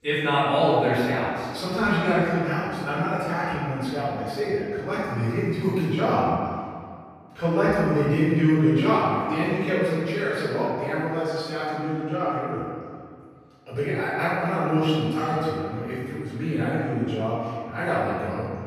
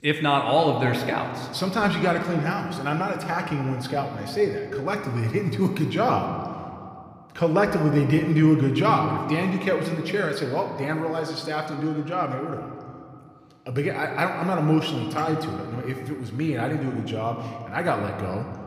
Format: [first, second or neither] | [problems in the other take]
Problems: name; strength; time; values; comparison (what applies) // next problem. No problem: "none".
second | room echo; strong; dies away in 1.9 s; slight in the second // off-mic speech; far